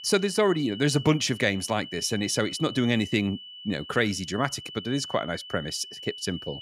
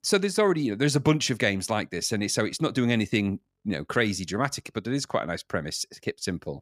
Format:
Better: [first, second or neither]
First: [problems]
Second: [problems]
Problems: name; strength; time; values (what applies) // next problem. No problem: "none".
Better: second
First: high-pitched whine; noticeable; throughout; 3 kHz, 10 dB below the speech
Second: none